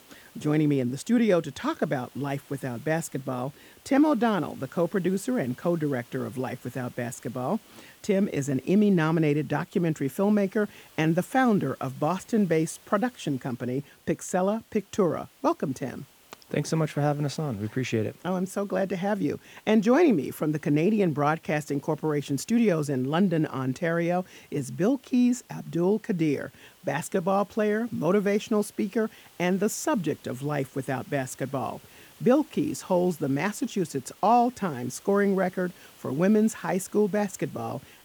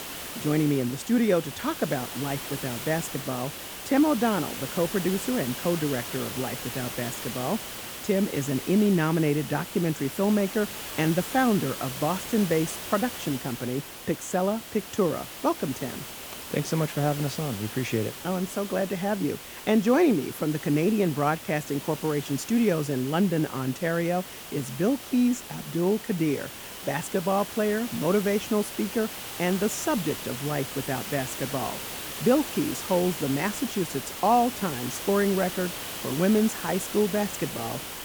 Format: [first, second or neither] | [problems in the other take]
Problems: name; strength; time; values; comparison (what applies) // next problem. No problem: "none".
first | hiss; loud; throughout; 8 dB below the speech; faint in the first